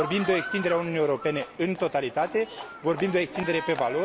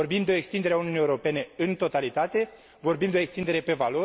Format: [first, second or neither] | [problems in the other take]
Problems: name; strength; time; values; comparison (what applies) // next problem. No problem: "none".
second | background sound (Livestock, farm animals, working animals); 11 dB below the speech